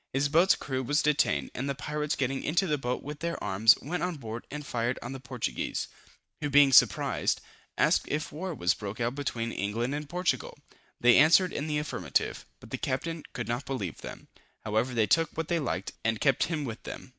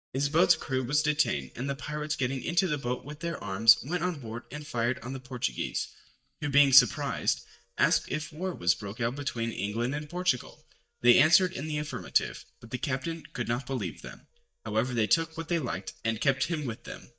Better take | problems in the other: first | noise reduction (neural mask model DeepFilterNet 3)

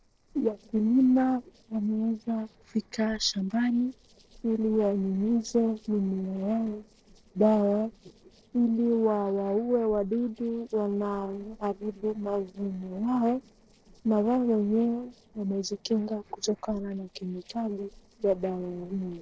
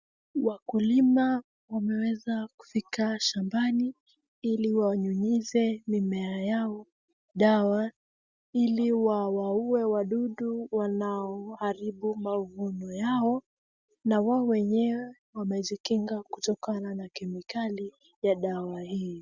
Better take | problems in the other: second | noise reduction (neural separator model SepFormer DNS4)

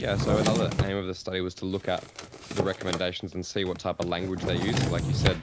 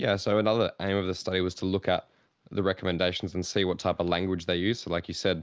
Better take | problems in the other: second | background sound (Drawer open or close); as loud as the speech

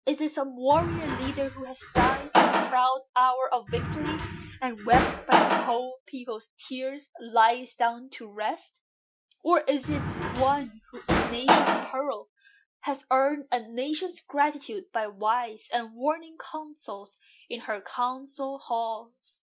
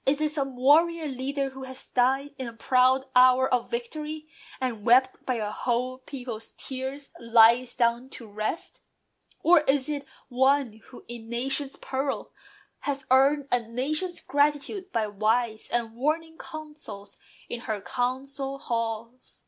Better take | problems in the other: second | noise reduction (classical method Wiener filter)

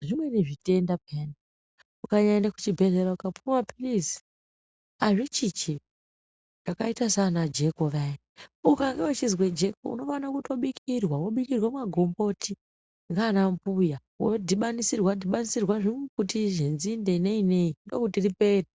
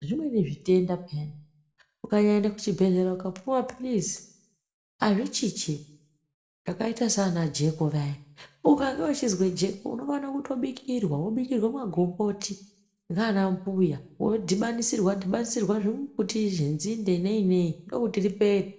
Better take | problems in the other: first | room echo; dies away in 0.5 s

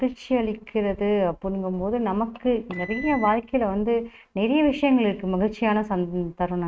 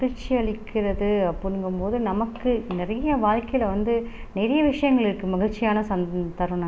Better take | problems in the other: second | noise reduction (neural mask model RNNoise)

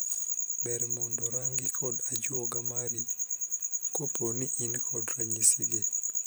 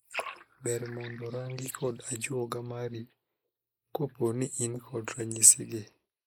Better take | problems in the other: first | noise reduction (neural mask model Resemble Enhance denoiser)

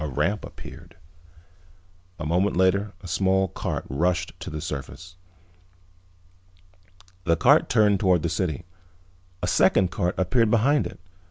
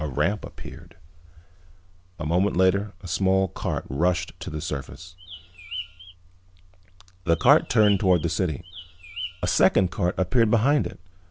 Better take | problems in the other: first | background sound (Bird); 14 dB below the speech

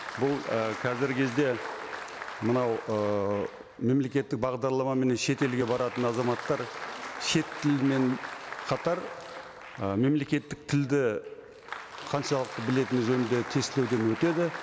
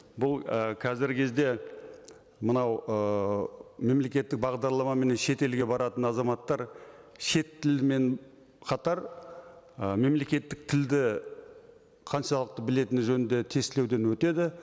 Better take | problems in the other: second | background sound (Applause); 12 dB below the speech

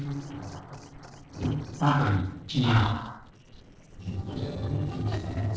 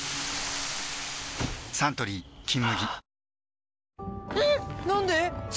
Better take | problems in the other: second | noise reduction (neural separator model SepFormer DNS4)

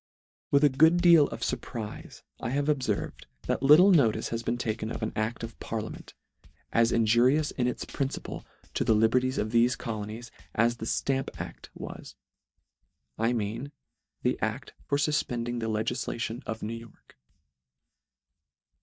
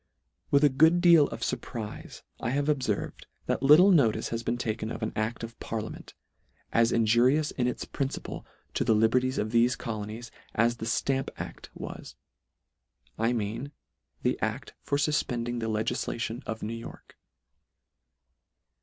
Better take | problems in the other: second | noise reduction (neural mask model DeepFilterNet 3)

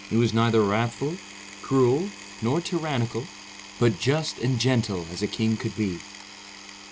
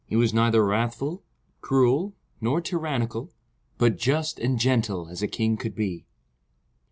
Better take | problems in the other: second | background sound (Power tool); 17 dB below the speech

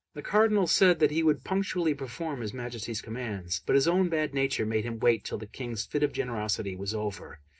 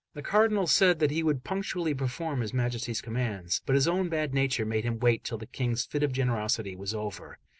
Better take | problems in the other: second | room echo; dies away in 0.3 s

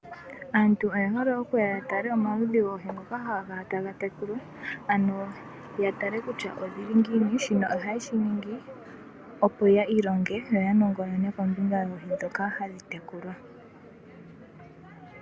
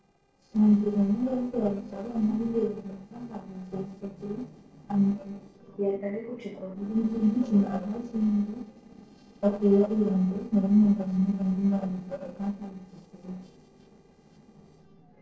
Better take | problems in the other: first | noise reduction (neural separator model SepFormer DNS4)

